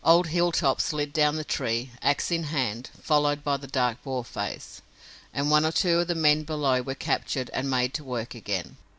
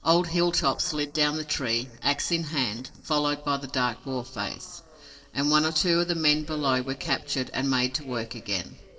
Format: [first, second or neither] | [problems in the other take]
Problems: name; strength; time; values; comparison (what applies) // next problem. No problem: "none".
first | noise reduction (neural separator model SepFormer DNS4)